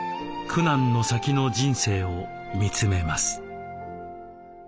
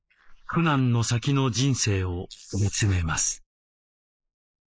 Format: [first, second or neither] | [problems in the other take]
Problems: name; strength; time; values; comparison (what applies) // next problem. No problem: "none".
first | noise reduction (neural mask model Resemble Enhance denoiser)